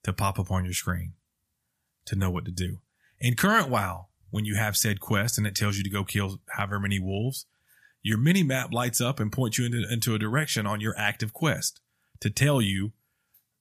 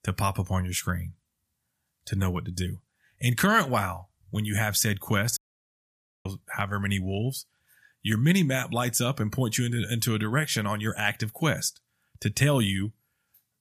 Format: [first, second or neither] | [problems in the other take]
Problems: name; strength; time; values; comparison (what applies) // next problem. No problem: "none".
first | audio cutting out; at 5.5 s for 1 s